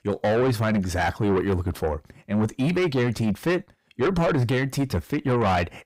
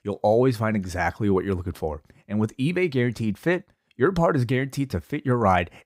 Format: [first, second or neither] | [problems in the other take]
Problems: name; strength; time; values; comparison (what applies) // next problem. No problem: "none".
second | distortion; heavy; 7 dB below the speech